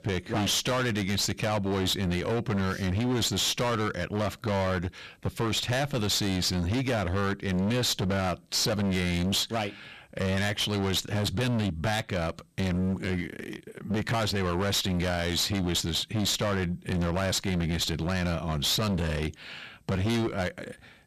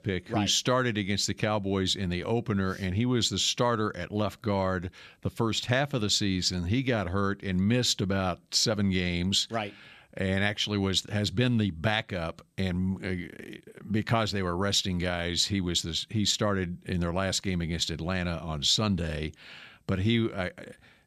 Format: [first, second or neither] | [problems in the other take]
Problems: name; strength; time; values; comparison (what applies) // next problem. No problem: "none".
second | distortion; heavy; 29% of the sound clipped